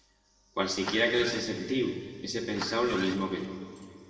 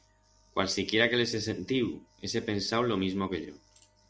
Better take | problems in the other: second | background sound (Engine starting); 11 dB below the speech // room echo; dies away in 2.2 s

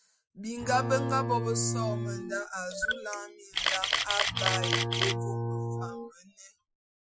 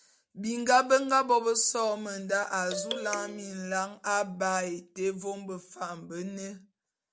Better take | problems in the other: second | noise reduction (classical method Wiener filter)

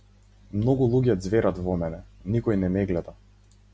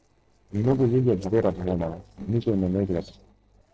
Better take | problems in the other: first | noise reduction (neural separator model SepFormer DNS4)

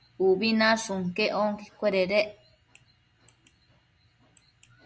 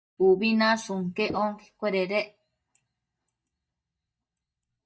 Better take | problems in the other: first | noise reduction (neural mask model DeepFilterNet 3)

